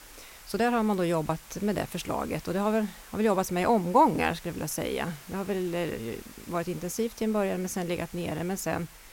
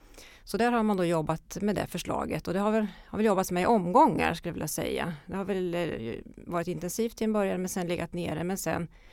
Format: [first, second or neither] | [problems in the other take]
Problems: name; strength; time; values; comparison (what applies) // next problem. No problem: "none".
second | hiss; noticeable; throughout; 20 dB below the speech